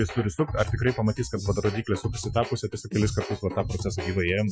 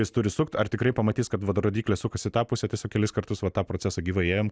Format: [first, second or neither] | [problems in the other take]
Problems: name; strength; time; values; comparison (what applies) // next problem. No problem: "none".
second | noise reduction (classical method Wiener filter)